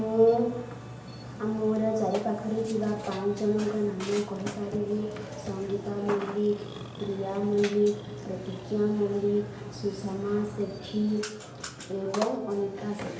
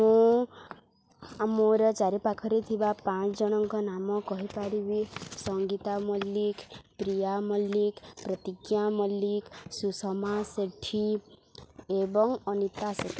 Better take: second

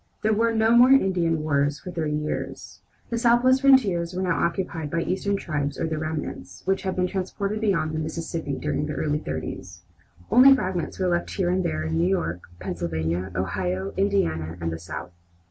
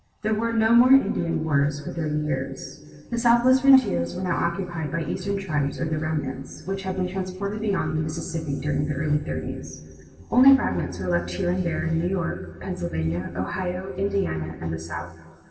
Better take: first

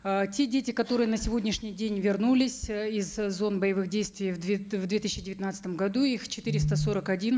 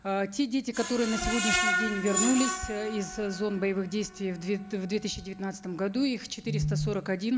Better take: first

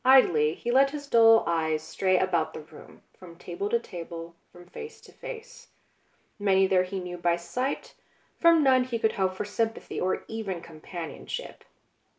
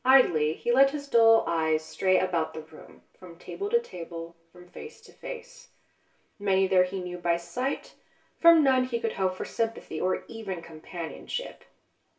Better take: first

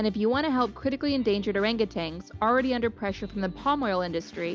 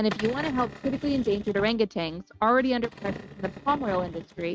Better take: first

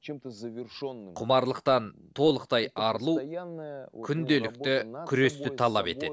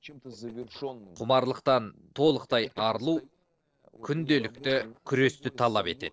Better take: first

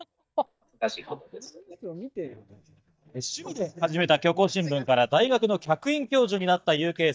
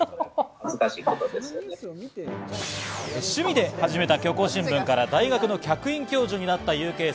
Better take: second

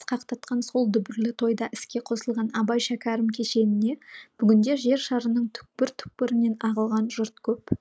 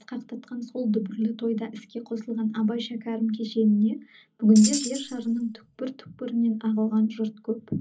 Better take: first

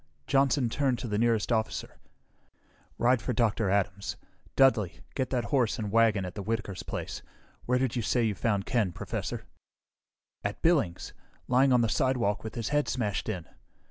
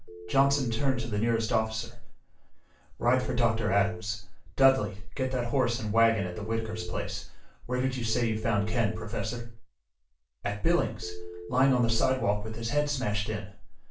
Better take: first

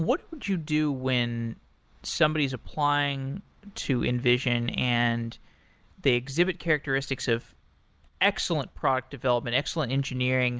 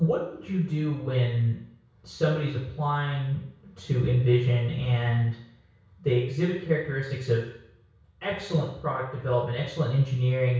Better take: first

